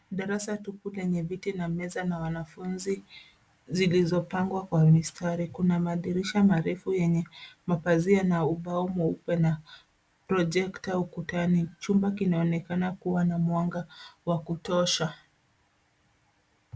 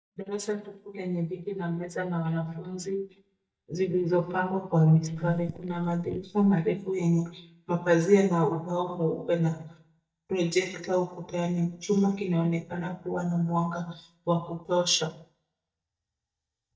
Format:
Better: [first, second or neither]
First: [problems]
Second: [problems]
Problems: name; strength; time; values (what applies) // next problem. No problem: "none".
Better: first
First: none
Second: noise reduction (neural mask model DeepFilterNet 3)